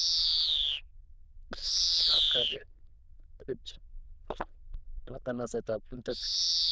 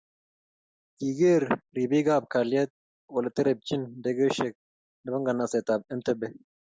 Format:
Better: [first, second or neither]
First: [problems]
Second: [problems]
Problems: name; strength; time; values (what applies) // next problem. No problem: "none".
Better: second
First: noise reduction (neural diffusion model UNIVERSE++)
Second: none